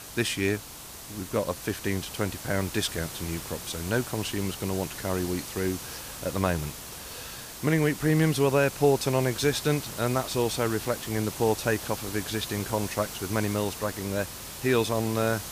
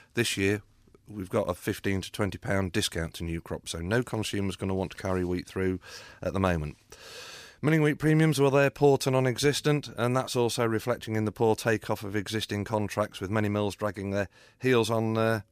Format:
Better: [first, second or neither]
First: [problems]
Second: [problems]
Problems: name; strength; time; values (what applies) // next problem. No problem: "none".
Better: second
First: hiss; loud; throughout; 9 dB below the speech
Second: none